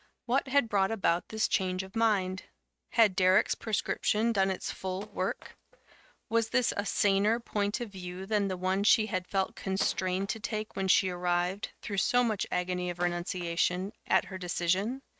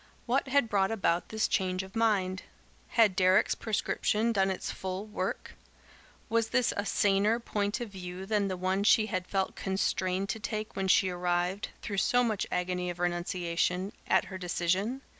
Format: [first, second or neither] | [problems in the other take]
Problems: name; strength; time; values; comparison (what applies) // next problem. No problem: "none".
second | noise reduction (neural mask model RNNoise)